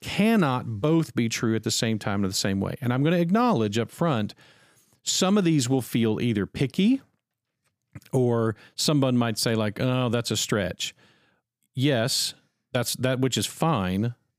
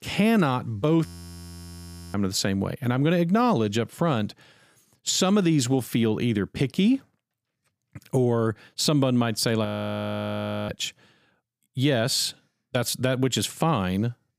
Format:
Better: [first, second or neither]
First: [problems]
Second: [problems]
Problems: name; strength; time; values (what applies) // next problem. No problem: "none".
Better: first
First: none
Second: audio freezing; at 1 s for 1 s and at 9.5 s for 1 s